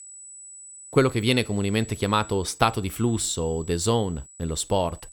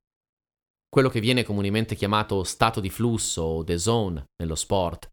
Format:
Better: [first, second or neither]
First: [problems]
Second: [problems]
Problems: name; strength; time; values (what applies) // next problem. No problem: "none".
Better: second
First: high-pitched whine; noticeable; throughout; 8 kHz, 15 dB below the speech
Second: none